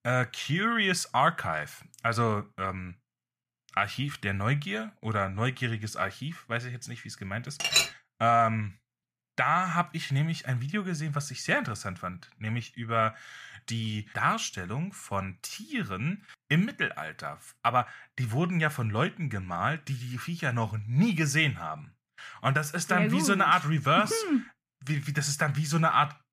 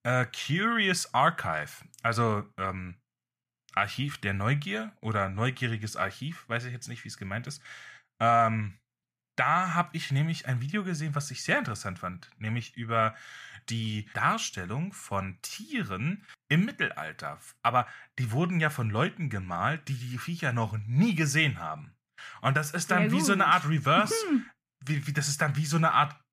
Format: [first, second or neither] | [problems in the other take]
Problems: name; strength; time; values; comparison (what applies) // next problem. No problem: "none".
second | clattering dishes; loud; at 7.5 s; peak 5 dB above the speech